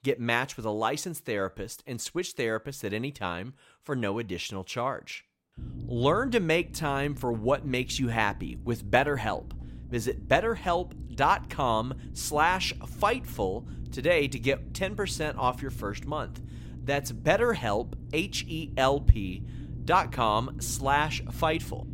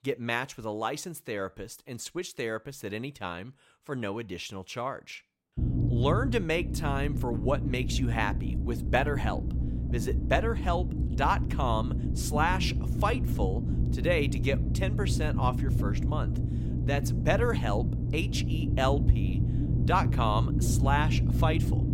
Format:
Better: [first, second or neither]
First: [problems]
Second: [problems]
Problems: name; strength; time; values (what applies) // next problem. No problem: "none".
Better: first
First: low rumble; faint; from 5.5 s on; 25 dB below the speech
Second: low rumble; loud; from 5.5 s on; 9 dB below the speech